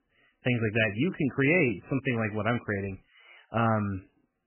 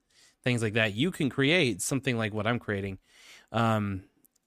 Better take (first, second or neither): second